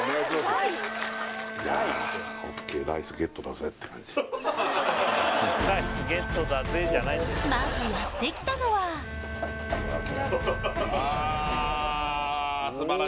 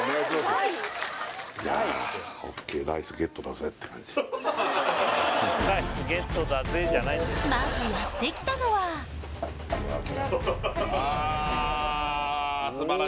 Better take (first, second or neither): second